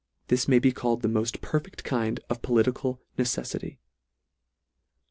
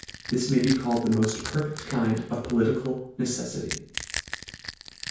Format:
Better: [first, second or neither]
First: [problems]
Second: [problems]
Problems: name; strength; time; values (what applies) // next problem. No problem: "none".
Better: first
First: none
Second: background sound (Crack / Crushing); 12 dB below the speech // room echo; dies away in 0.5 s